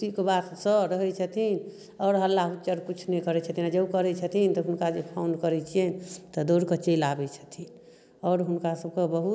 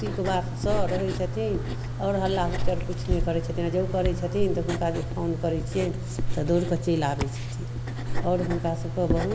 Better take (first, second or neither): first